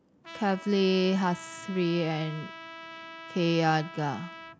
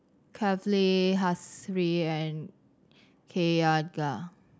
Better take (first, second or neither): second